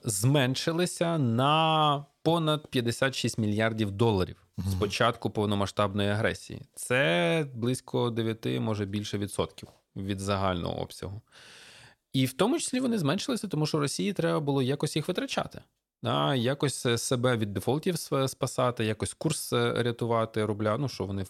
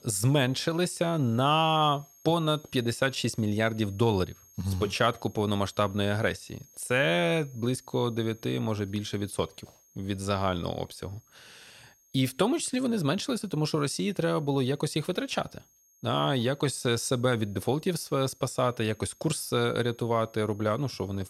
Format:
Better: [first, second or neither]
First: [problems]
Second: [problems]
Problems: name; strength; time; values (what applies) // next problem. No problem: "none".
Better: first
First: none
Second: high-pitched whine; faint; throughout; 6.5 kHz, 30 dB below the speech